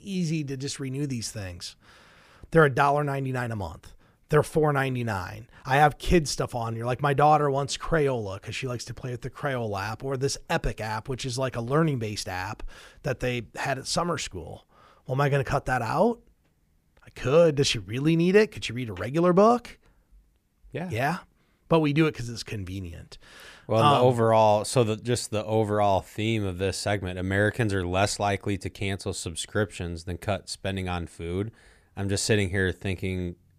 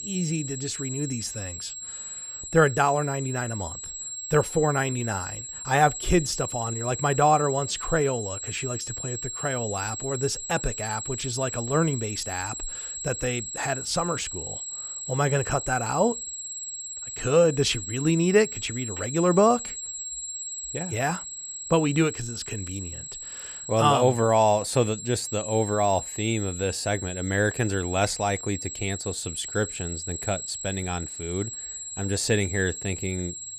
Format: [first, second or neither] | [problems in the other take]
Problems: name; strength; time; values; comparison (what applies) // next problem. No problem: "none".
first | high-pitched whine; loud; throughout; 7.5 kHz, 7 dB below the speech